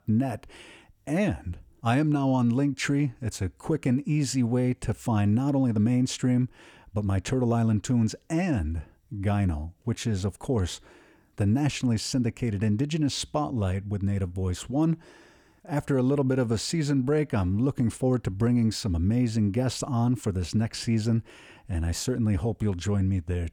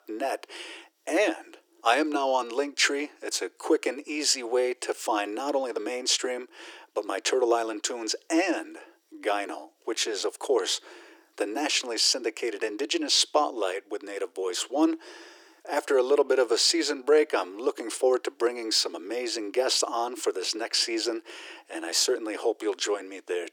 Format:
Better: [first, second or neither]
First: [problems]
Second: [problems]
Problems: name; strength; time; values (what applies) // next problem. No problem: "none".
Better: first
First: none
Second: thin; very; fading below 350 Hz